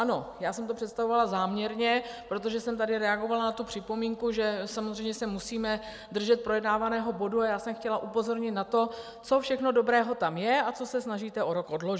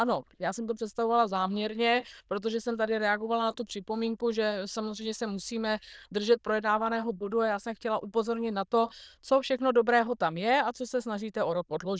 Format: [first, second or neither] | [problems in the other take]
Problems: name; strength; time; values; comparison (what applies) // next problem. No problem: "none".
first | noise reduction (neural diffusion model UNIVERSE++)